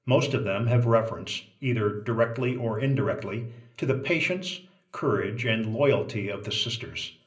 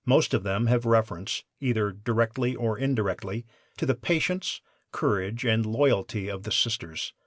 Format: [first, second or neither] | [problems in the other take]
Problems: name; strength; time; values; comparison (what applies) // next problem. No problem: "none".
second | room echo; dies away in 0.5 s